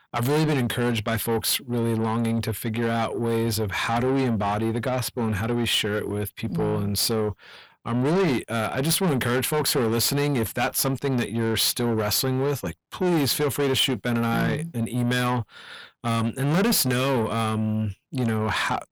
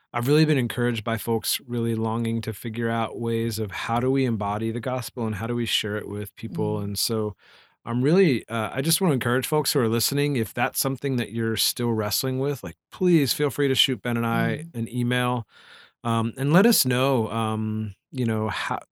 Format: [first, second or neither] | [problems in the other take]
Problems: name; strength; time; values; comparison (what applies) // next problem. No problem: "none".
second | distortion; heavy; 7 dB below the speech